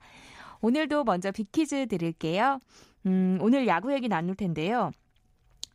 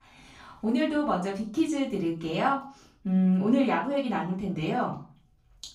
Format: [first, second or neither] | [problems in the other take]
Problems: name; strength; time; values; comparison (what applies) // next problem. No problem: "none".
first | off-mic speech; far // room echo; slight; dies away in 0.3 s